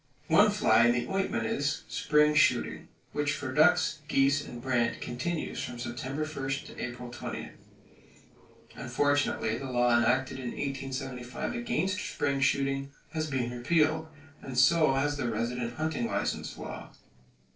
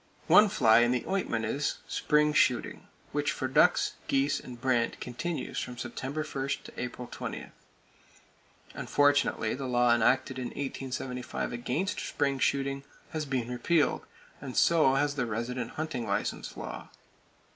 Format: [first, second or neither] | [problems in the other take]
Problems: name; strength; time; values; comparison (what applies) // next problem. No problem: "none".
second | noise reduction (neural separator model SepFormer DNS4)